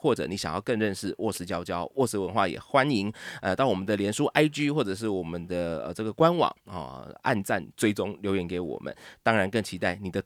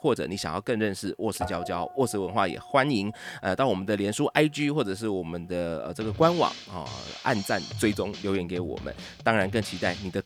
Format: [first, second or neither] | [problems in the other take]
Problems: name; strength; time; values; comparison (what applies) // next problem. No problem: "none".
first | background music; noticeable; throughout; 10 dB below the speech